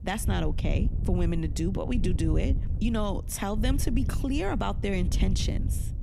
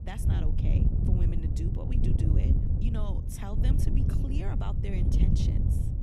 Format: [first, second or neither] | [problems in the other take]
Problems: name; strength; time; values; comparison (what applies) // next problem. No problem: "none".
first | wind noise on the microphone; heavy; 3 dB above the speech; occasional gusts in the first